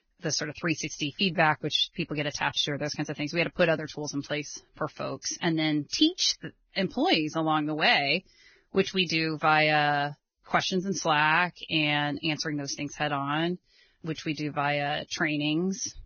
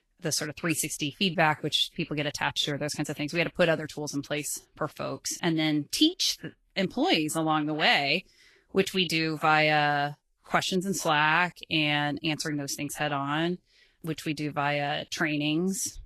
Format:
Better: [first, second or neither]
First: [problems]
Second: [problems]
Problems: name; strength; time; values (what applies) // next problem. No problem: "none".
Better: second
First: garbled, watery; badly; nothing above 6.5 kHz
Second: garbled, watery; slightly; nothing above 12.5 kHz